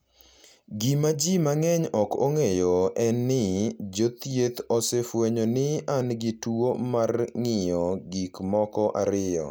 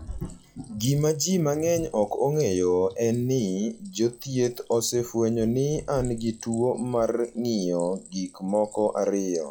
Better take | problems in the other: first | noise reduction (classical method log-MMSE)

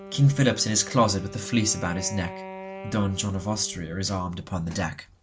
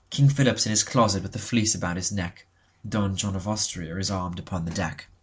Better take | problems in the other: second | background sound (Wind instrument, woodwind instrument); 15 dB below the speech

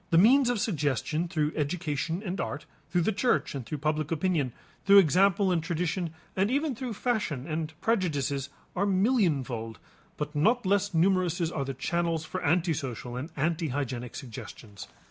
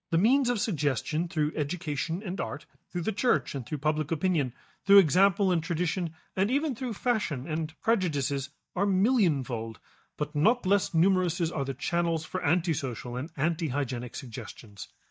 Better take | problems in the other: first | noise reduction (neural mask model DeepFilterNet 3)

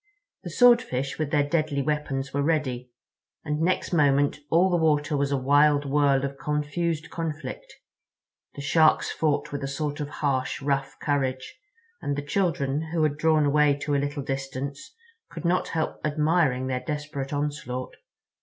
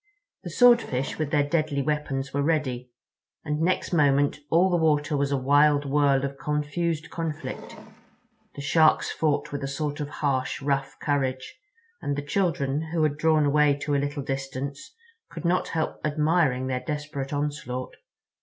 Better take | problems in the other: first | background sound (Wood); 18 dB below the speech

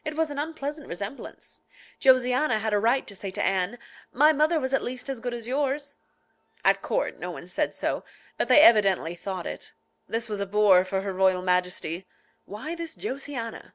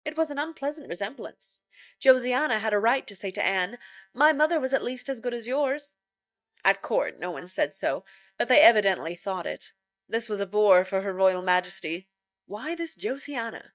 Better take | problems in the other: first | noise reduction (neural mask model DeepFilterNet 3)

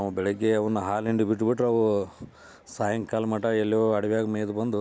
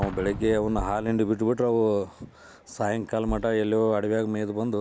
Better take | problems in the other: first | background sound (Bass drum + Explosion); 14 dB below the speech

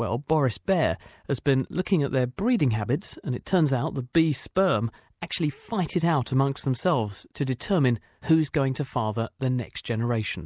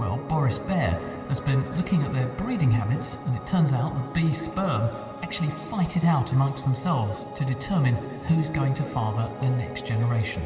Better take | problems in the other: first | background sound (Piano); 13 dB below the speech // room echo; dies away in 2 s

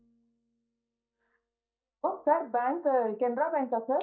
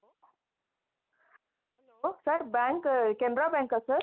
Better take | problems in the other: second | noise reduction (neural mask model DeepFilterNet 3)

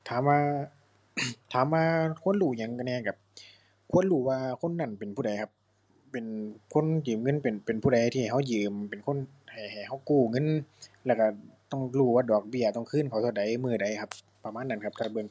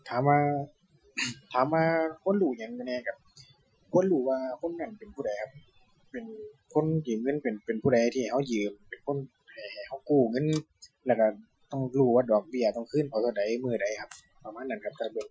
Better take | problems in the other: first | noise reduction (classical method Wiener filter)

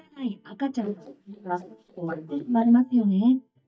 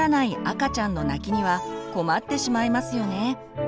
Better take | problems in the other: second | noise reduction (neural mask model DeepFilterNet 3)

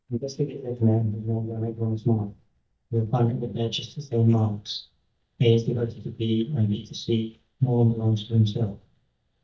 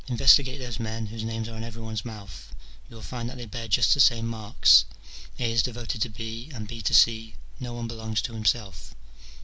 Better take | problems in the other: second | noise reduction (neural mask model DeepFilterNet 3)

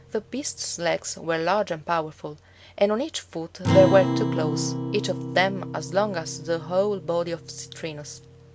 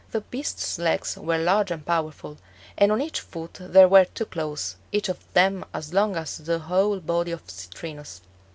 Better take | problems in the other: second | background sound (Acoustic guitar); 5 dB below the speech

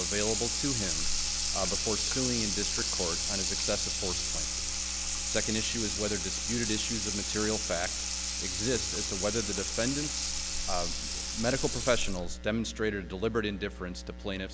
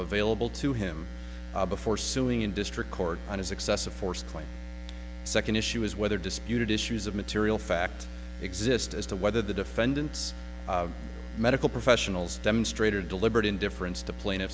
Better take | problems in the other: second | background sound (Sink (filling or washing) / Water tap, faucet); 1 dB above the speech

